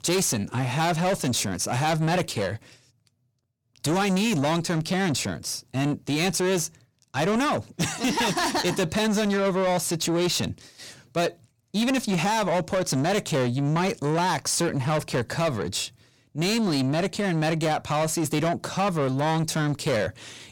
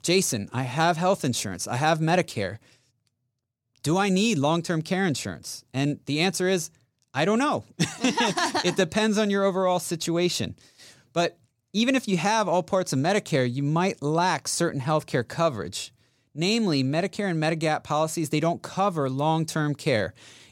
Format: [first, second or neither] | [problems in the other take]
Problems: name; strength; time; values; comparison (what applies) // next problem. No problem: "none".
second | distortion; heavy; 8 dB below the speech